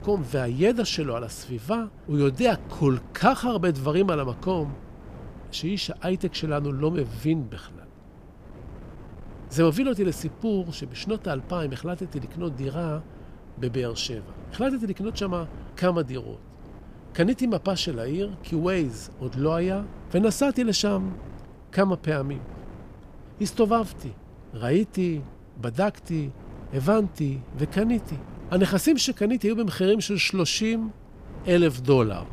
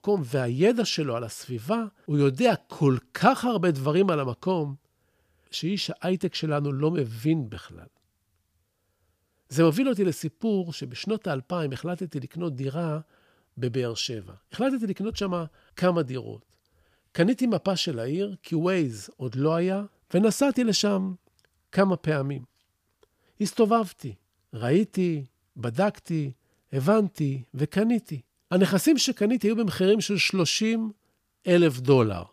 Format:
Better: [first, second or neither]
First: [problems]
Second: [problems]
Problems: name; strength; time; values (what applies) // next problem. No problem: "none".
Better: second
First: wind noise on the microphone; occasional gusts; 20 dB below the speech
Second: none